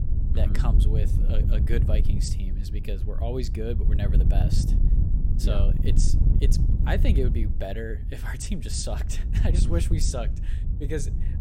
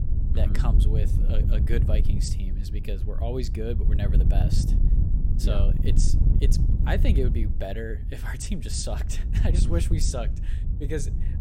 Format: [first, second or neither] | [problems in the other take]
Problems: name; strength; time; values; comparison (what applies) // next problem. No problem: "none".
neither | wind noise on the microphone; heavy; 6 dB below the speech; the same in both